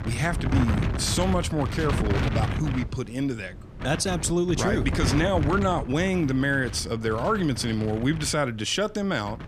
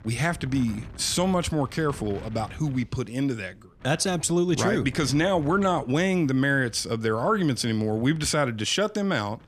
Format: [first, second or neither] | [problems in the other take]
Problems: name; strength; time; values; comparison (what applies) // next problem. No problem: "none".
second | wind noise on the microphone; heavy; 8 dB below the speech; occasional gusts in the second